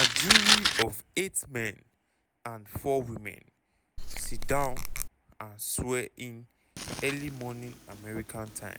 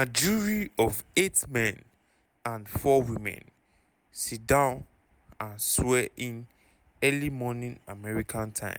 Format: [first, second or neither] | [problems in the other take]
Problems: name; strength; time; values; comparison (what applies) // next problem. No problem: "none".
second | background sound (Squeak / Tools + Fire); 3 dB above the speech